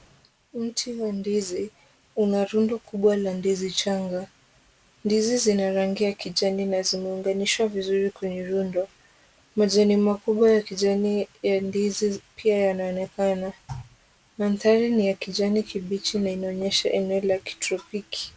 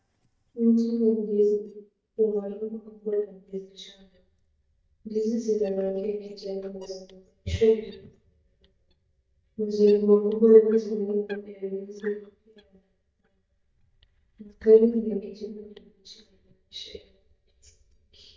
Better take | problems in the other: first | noise reduction (neural mask model DeepFilterNet 3)

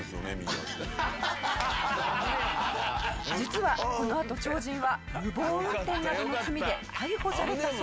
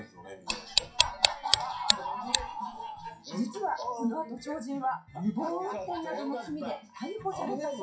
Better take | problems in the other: first | noise reduction (classical method WPE with log-MMSE)

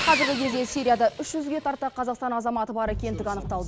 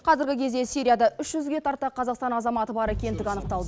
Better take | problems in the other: second | background sound (Fireworks + Sawing); 8 dB below the speech

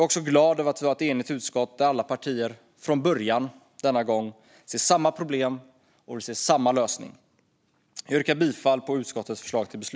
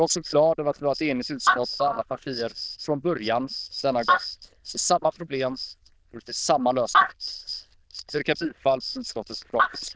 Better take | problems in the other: first | noise reduction (neural diffusion model UNIVERSE++)

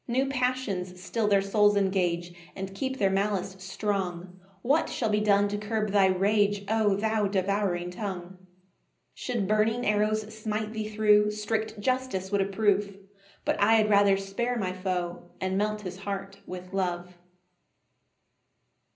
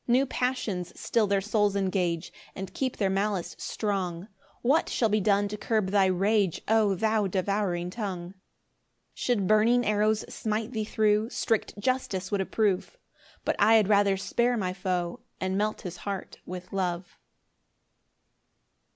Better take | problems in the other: second | room echo; dies away in 0.5 s

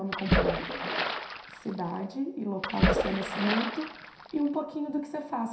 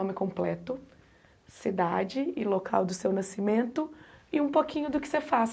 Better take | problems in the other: second | background sound (Splash, splatter); 2 dB above the speech // room echo; dies away in 0.7 s

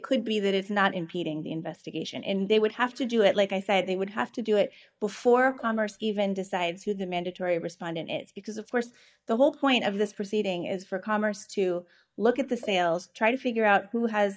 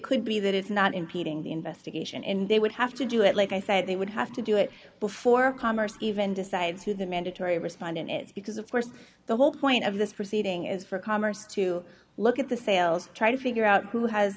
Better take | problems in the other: second | noise reduction (neural mask model DeepFilterNet 3)

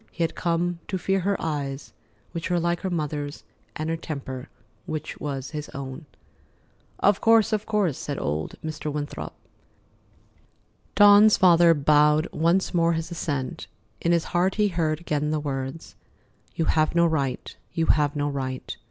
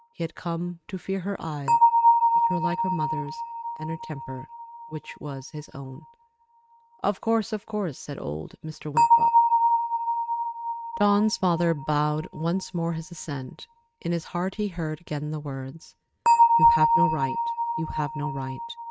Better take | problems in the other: first | noise reduction (neural mask model RNNoise)

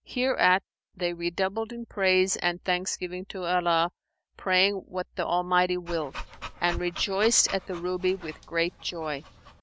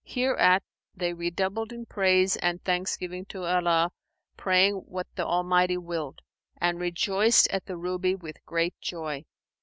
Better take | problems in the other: second | background sound (Dog); 13 dB below the speech

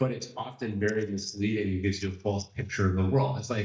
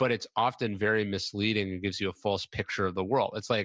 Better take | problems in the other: second | noise reduction (neural mask model DeepFilterNet 3)

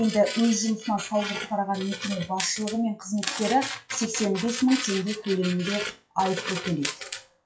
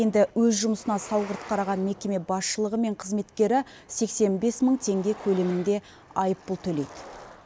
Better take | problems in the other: second | noise reduction (classical method WPE with log-MMSE)

